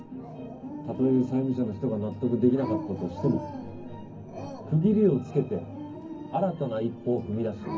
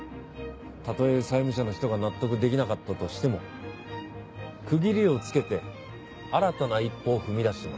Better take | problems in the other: second | background sound (Dog); 12 dB below the speech // room echo; dies away in 0.3 s

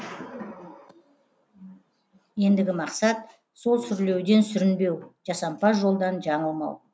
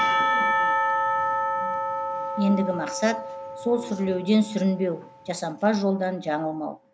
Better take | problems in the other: first | background sound (Church bell / Percussion); 1 dB below the speech

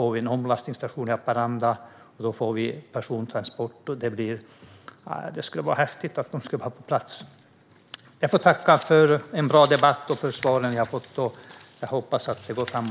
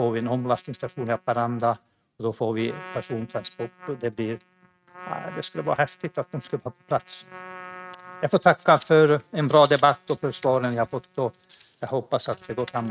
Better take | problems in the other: first | noise reduction (neural mask model RNNoise)

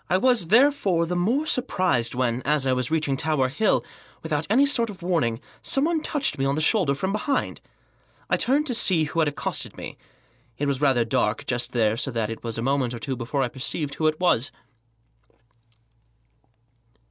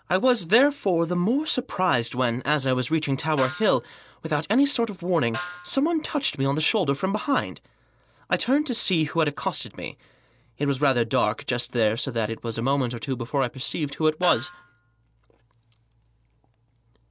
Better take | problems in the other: first | background sound (Snare drum); 15 dB below the speech

